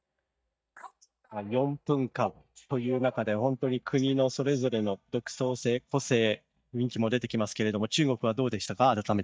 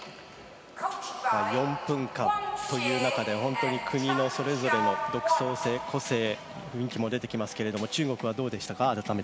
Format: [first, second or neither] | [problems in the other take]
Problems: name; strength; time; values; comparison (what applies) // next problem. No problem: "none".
second | noise reduction (neural mask model DeepFilterNet 3)